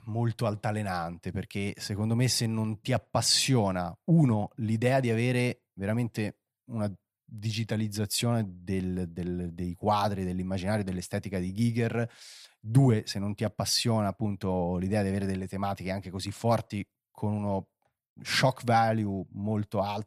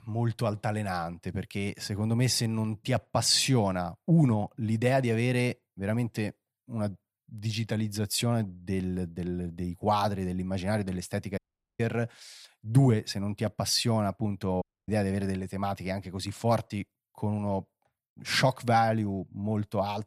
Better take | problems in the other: first | audio cutting out; at 11 s and at 15 s

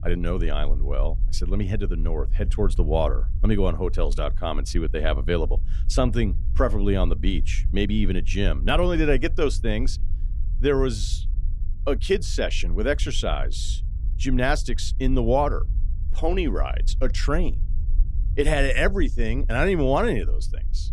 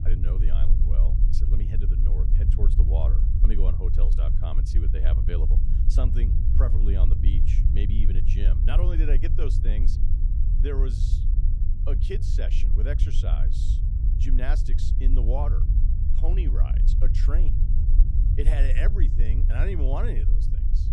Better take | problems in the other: first | low rumble; loud; throughout; 4 dB below the speech; faint in the first

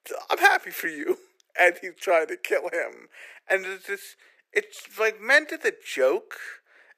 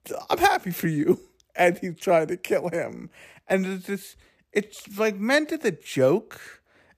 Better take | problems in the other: second | thin; very; fading below 400 Hz

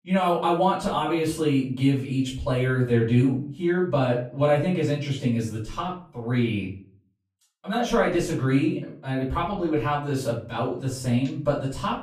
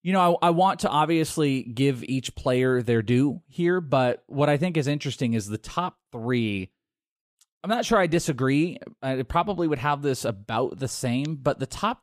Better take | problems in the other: second | off-mic speech; far // room echo; slight; dies away in 0.4 s

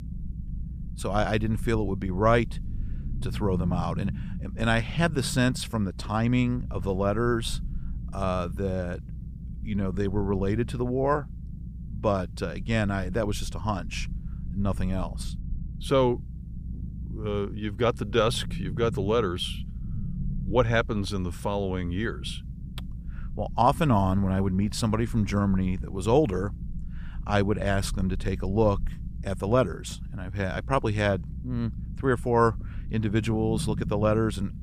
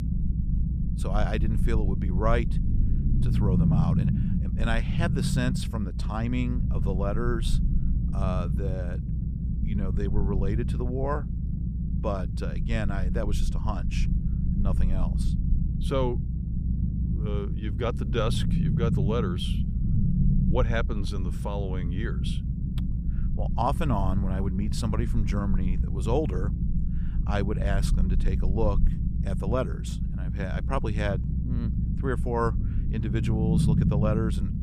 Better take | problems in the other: first | low rumble; loud; throughout; 7 dB below the speech; faint in the first

